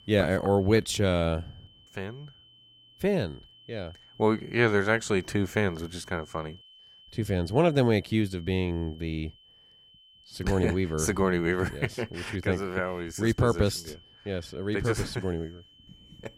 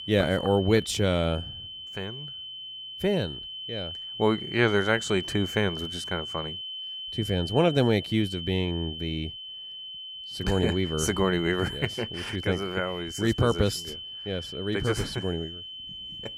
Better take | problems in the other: first | high-pitched whine; loud; throughout; 3 kHz, 8 dB below the speech; faint in the first

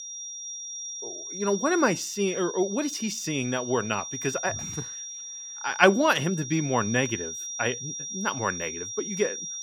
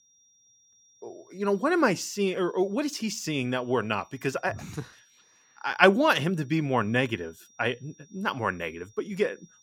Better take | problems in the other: second | high-pitched whine; loud; throughout; 5.5 kHz, 7 dB below the speech; faint in the second

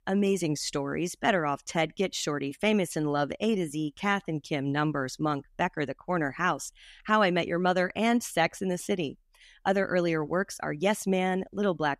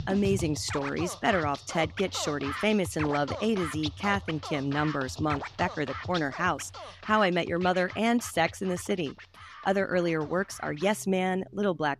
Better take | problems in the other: first | background music; noticeable; throughout; 10 dB below the speech

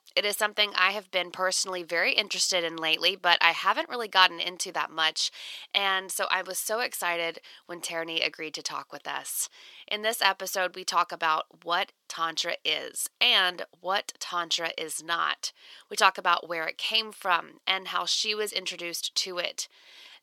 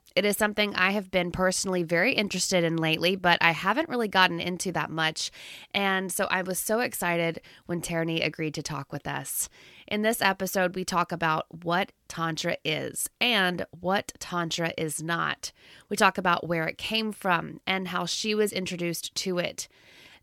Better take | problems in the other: second | thin; very; fading below 500 Hz

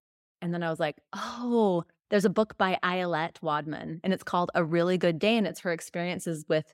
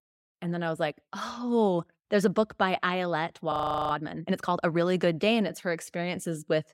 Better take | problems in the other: first | audio freezing; at 3.5 s

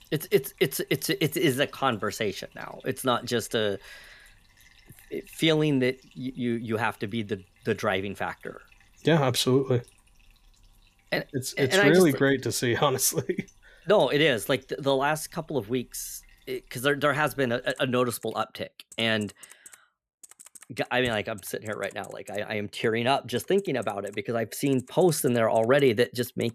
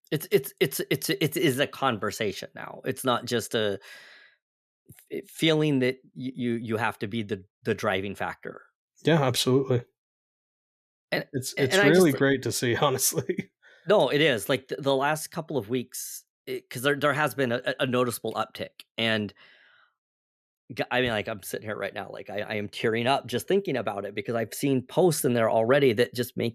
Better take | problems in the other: second | household noises; faint; throughout; 30 dB below the speech

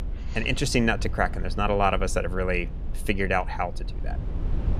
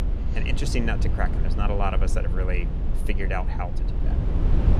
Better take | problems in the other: first | low rumble; loud; throughout; 8 dB below the speech; faint in the first

